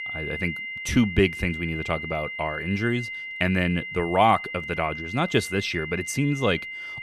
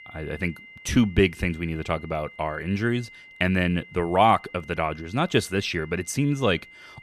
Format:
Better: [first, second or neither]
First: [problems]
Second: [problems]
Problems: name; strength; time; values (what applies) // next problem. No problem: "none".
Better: second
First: high-pitched whine; loud; throughout; 2 kHz, 7 dB below the speech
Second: high-pitched whine; faint; throughout; 2 kHz, 20 dB below the speech